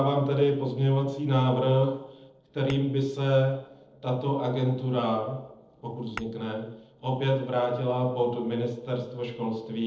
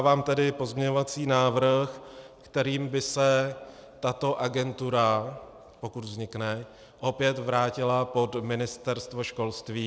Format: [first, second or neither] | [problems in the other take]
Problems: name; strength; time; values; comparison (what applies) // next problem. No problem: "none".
second | noise reduction (neural separator model SepFormer DNS4)